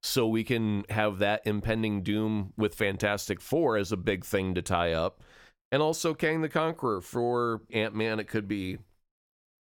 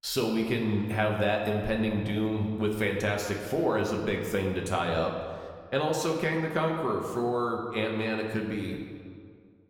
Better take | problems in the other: first | room echo; slight; dies away in 1.5 s // off-mic speech; somewhat distant

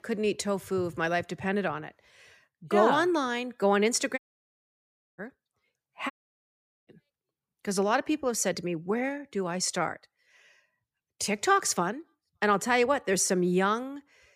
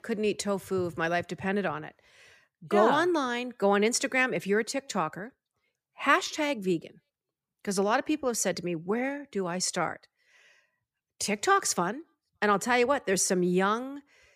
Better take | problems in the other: second | audio cutting out; at 4 s for 1 s and at 6 s for 1 s

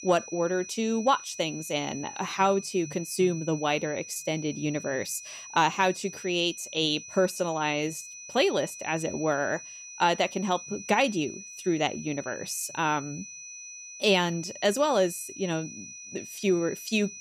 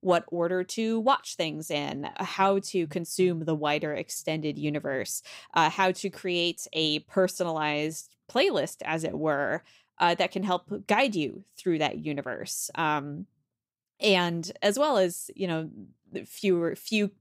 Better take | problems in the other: second | high-pitched whine; noticeable; throughout; 6 kHz, 15 dB below the speech

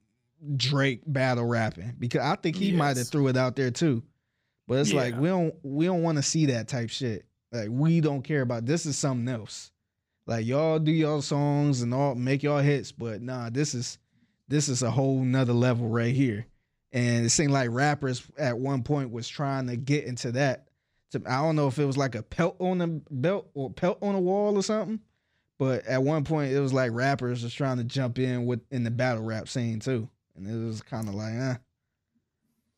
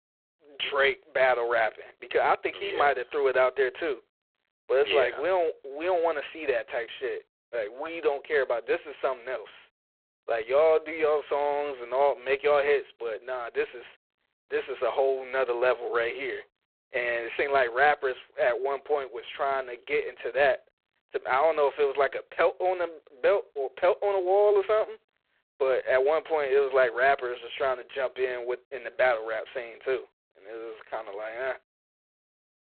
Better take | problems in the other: first | phone-call audio; poor line; nothing above 3.5 kHz

